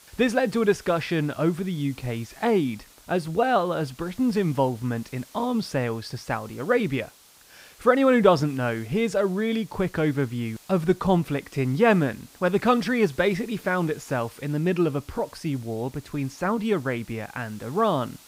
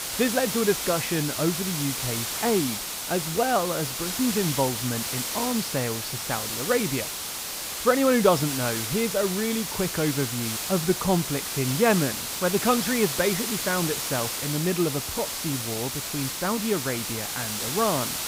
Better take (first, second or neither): first